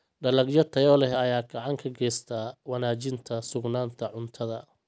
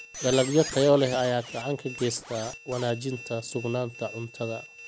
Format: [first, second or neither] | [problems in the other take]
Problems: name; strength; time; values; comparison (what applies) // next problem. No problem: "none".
first | background sound (Squeak); 13 dB below the speech